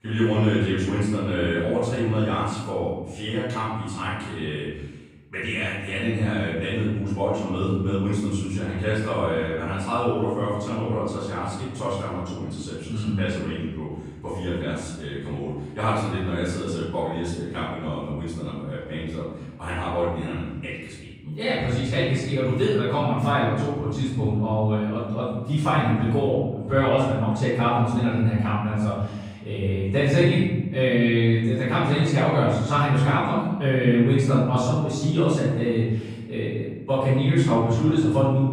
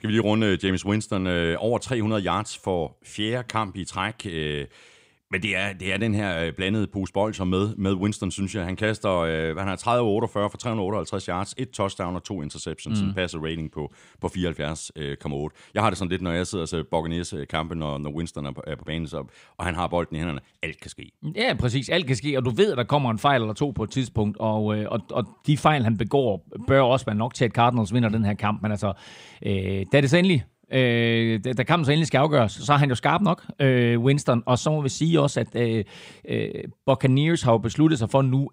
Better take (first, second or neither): second